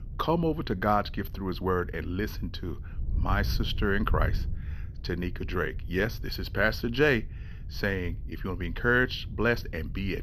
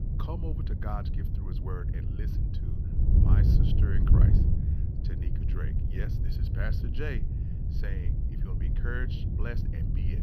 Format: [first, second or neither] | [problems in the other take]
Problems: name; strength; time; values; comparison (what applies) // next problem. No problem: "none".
first | wind noise on the microphone; heavy; as loud as the speech; occasional gusts in the first